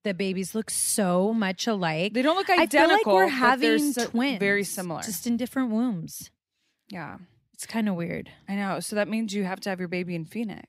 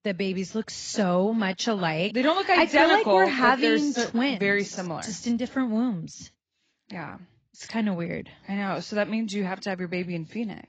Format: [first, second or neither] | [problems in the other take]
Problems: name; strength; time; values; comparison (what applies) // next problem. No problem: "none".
first | garbled, watery; badly; nothing above 7.5 kHz